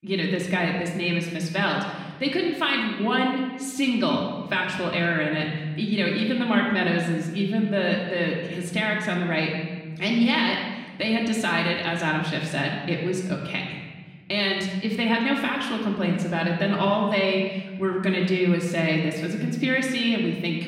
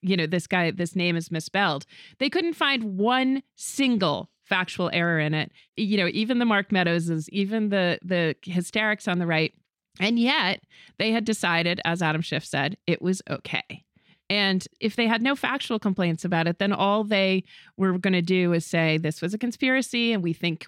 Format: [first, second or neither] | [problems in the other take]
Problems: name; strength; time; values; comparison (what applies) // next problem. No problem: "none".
second | room echo; noticeable; dies away in 1.3 s // off-mic speech; somewhat distant